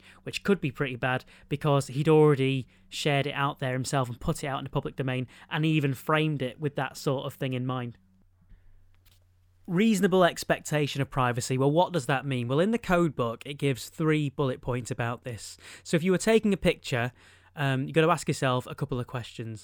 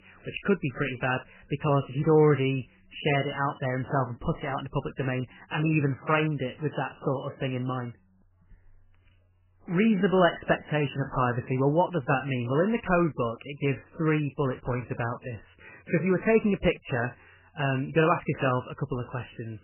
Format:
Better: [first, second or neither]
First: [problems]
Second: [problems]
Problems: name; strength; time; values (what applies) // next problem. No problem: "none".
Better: first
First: none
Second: garbled, watery; badly; nothing above 3 kHz